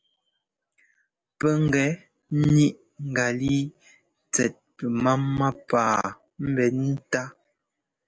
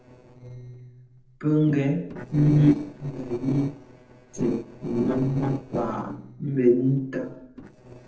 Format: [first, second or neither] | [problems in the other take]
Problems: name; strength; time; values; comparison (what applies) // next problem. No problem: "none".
first | noise reduction (neural separator model SepFormer DNS4)